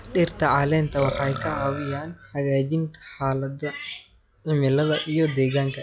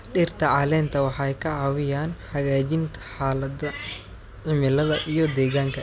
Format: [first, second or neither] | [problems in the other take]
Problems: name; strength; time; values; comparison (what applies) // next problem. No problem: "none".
second | noise reduction (classical method log-MMSE)